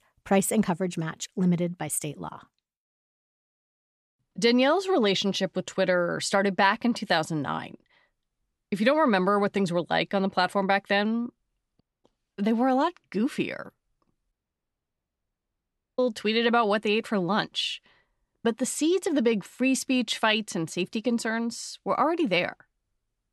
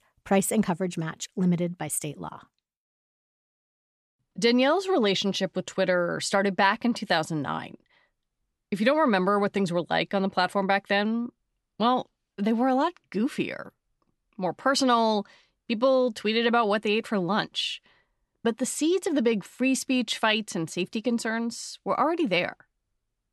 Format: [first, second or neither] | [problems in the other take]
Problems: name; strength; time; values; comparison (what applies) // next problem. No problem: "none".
second | audio cutting out; at 12 s and at 14 s for 1.5 s